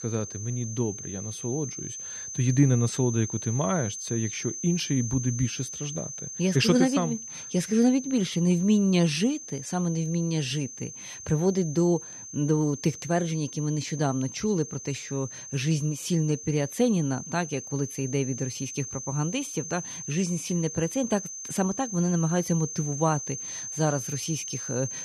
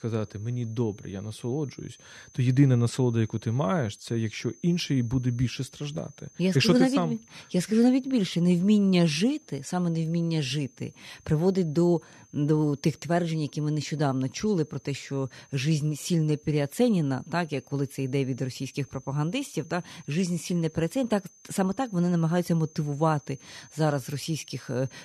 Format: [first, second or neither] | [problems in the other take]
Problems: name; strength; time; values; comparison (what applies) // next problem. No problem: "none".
second | high-pitched whine; loud; throughout; 6.5 kHz, 8 dB below the speech; faint in the second